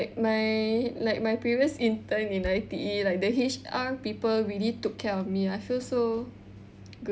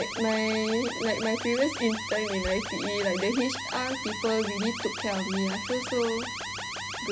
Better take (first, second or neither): first